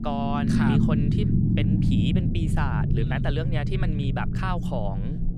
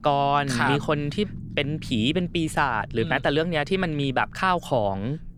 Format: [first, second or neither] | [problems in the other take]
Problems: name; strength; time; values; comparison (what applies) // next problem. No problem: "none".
second | low rumble; loud; throughout; 1 dB below the speech; faint in the second